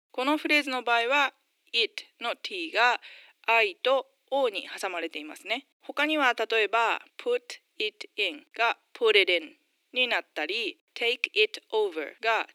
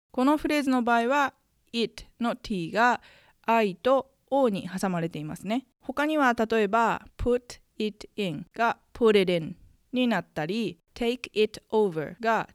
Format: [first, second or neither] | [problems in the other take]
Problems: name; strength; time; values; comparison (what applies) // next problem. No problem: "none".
second | thin; somewhat; fading below 300 Hz